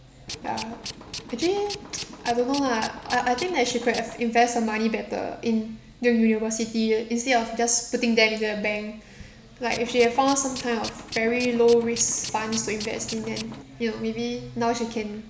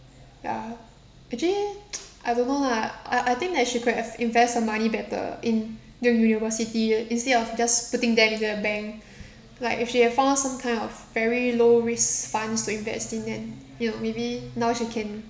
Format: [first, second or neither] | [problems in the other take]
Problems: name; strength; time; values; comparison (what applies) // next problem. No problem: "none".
second | background sound (Tools); 12 dB below the speech